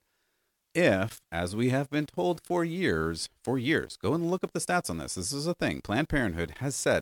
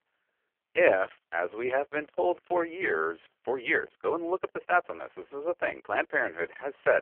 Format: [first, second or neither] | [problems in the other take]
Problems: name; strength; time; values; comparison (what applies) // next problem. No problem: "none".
first | phone-call audio; poor line